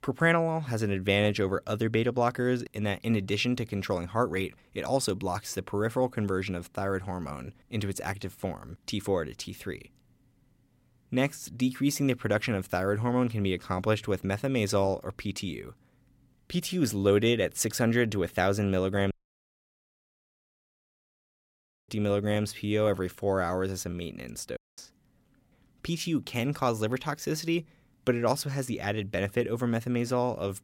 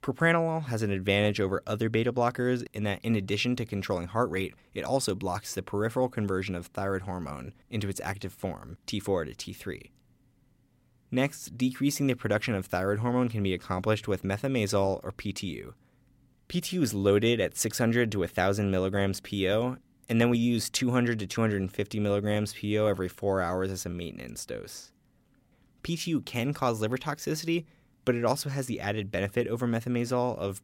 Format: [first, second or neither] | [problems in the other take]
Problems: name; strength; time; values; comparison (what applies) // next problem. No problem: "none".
second | audio cutting out; at 19 s for 3 s and at 25 s